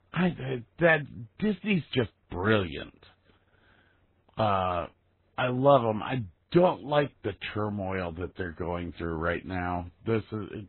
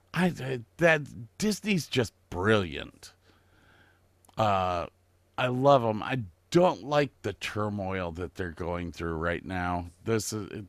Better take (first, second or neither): second